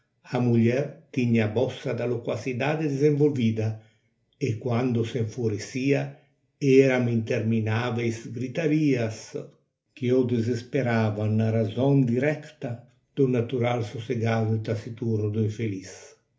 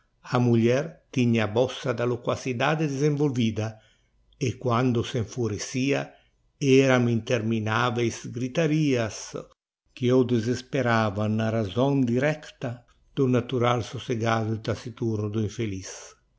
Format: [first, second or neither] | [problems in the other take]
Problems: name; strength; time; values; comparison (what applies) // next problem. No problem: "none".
second | room echo; dies away in 0.3 s